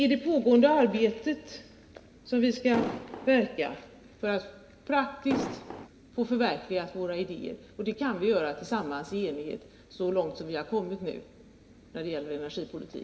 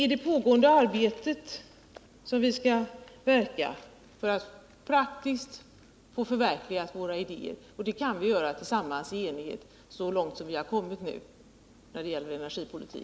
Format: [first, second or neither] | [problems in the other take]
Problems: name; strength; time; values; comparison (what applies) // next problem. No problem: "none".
second | background sound (Explosion); 4 dB below the speech // room echo; dies away in 2 s